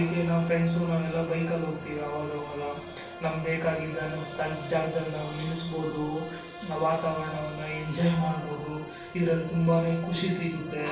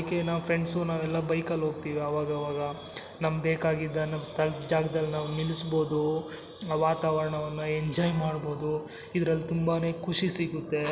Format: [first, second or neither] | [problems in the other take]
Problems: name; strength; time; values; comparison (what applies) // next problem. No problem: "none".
second | background sound (Bowed string instrument); 14 dB below the speech // room echo; dies away in 0.3 s